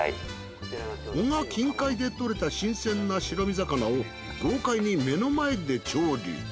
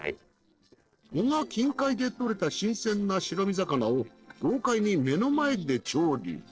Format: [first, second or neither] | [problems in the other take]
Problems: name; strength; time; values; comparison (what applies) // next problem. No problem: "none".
first | noise reduction (neural separator model SepFormer DNS4)